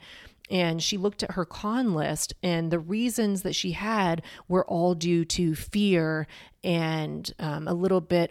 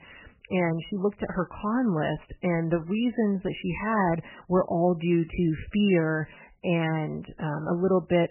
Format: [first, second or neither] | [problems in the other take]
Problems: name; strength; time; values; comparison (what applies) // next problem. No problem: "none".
first | garbled, watery; badly; nothing above 3 kHz